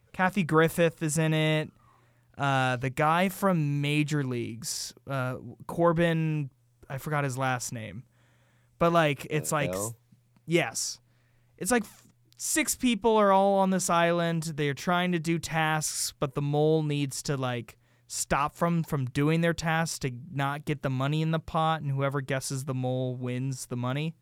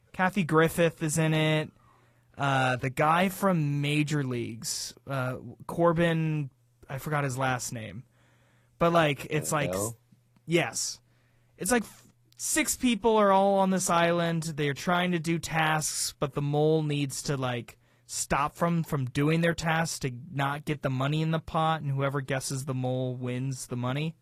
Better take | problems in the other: first | garbled, watery; slightly

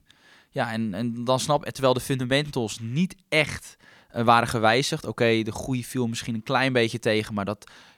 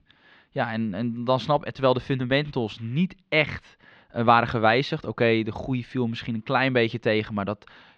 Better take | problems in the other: first | muffled; slightly; fading above 3.5 kHz

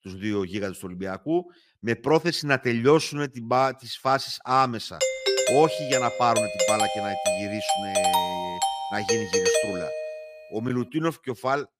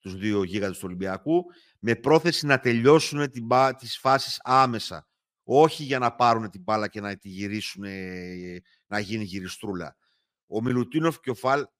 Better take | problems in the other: second | doorbell; loud; from 5 to 10 s; peak 4 dB above the speech

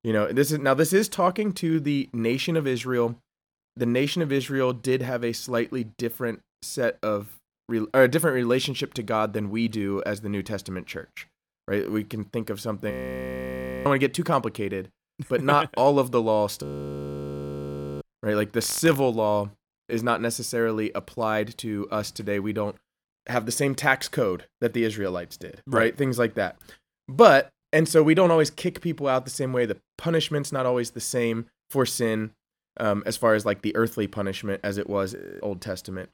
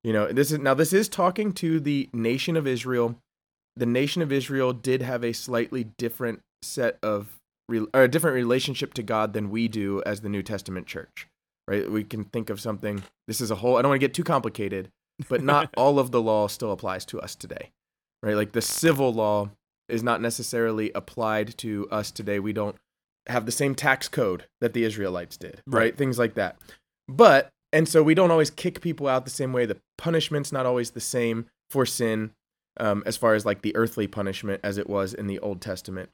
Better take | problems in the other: second | audio freezing; at 13 s for 1 s, at 17 s for 1.5 s and at 35 s

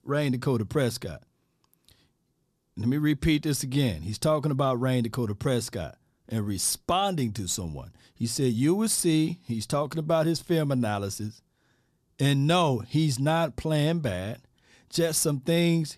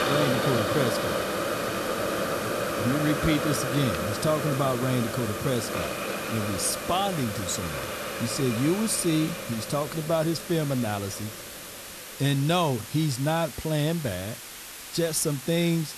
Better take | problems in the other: first | hiss; loud; throughout; 4 dB below the speech

